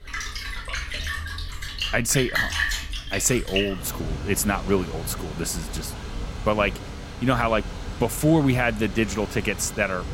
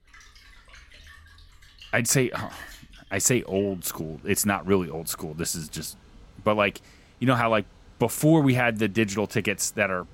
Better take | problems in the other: second | rain or running water; loud; throughout; 7 dB below the speech; faint in the second

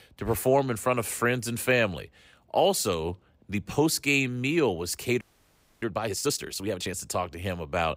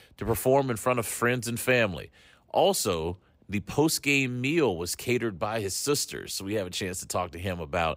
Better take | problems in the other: second | audio freezing; at 5 s for 0.5 s

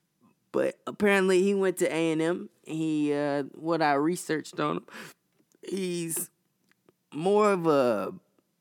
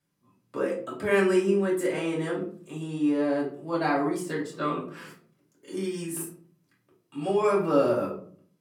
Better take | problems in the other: first | off-mic speech; far // room echo; slight; dies away in 0.4 s

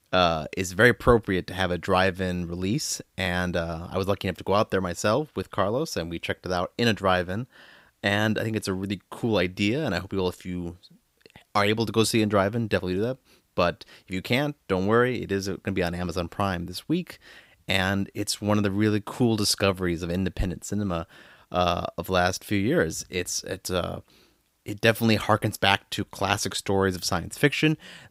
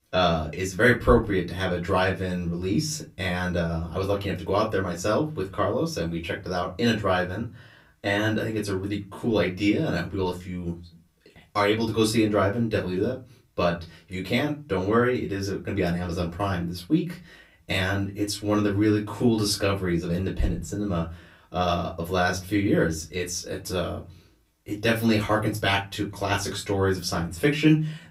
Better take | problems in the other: first | off-mic speech; far // room echo; very slight; dies away in 0.3 s

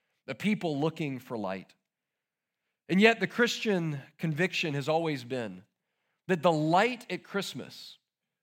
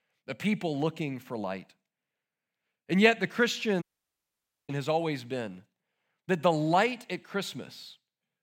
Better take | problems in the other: first | audio cutting out; at 4 s for 1 s

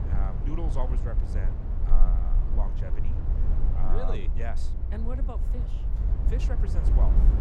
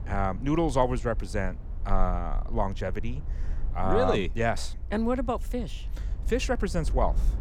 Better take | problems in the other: second | low rumble; loud; throughout; 3 dB below the speech; faint in the second

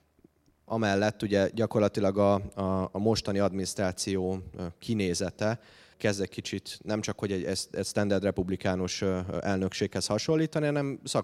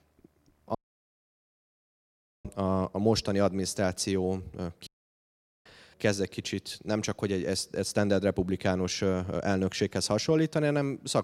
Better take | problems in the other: first | audio cutting out; at 1 s for 1.5 s and at 5 s for 1 s

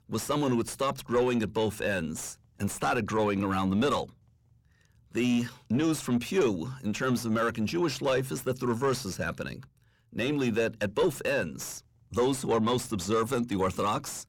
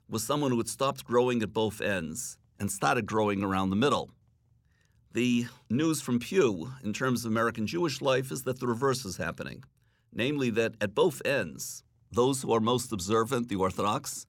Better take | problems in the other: second | distortion; slight; 10 dB below the speech

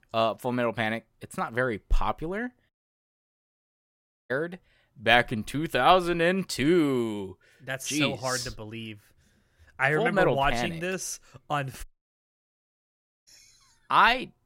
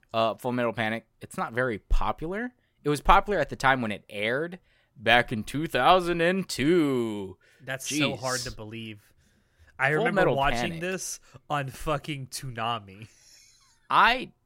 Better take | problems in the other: second | audio cutting out; at 2.5 s for 1.5 s and at 12 s for 1.5 s

